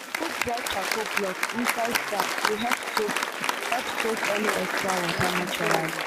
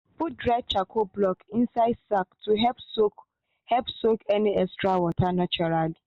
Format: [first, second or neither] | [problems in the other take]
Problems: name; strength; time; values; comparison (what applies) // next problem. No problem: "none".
second | background sound (Applause); 4 dB above the speech